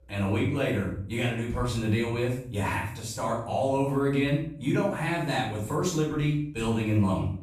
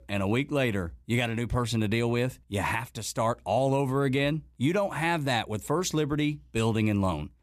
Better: second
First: off-mic speech; far // room echo; noticeable; dies away in 0.5 s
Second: none

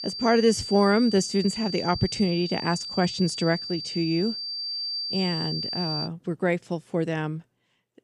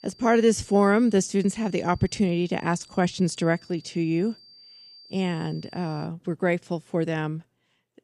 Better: second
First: high-pitched whine; loud; until 6 s; 4.5 kHz, 5 dB below the speech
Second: high-pitched whine; faint; until 6 s; 4.5 kHz, 25 dB below the speech

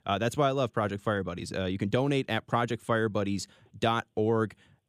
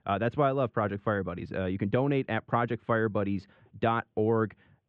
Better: first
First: none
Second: muffled; very; fading above 2.5 kHz

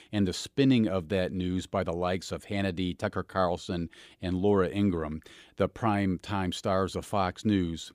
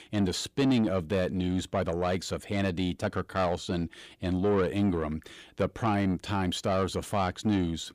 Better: first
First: none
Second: distortion; slight; 10 dB below the speech

